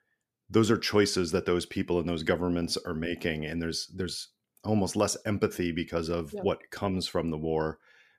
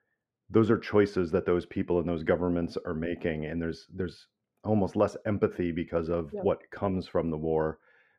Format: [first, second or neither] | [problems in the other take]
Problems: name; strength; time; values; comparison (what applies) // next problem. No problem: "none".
first | muffled; very; fading above 3.5 kHz